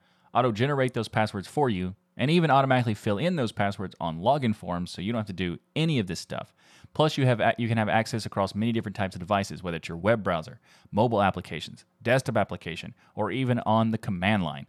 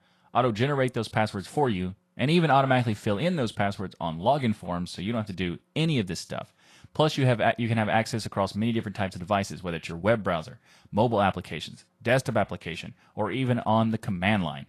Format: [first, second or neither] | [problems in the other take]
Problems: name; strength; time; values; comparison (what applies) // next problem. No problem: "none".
first | garbled, watery; slightly